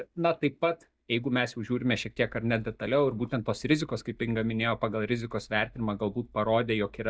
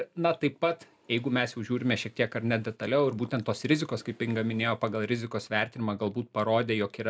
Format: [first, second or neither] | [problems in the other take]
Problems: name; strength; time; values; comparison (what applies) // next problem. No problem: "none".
second | noise reduction (neural mask model DeepFilterNet 3)